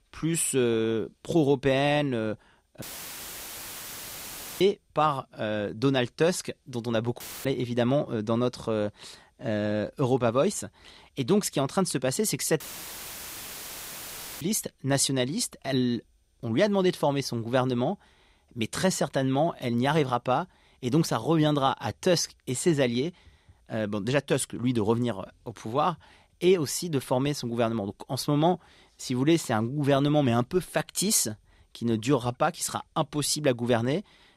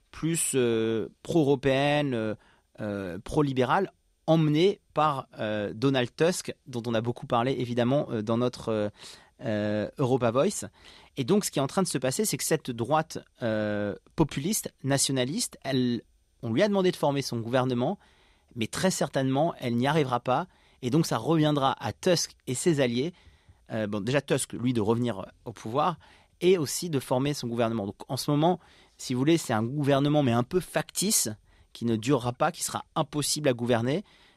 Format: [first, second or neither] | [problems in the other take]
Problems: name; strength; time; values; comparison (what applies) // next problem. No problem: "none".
second | audio cutting out; filled with static; at 3 s for 2 s, at 7 s and at 13 s for 2 s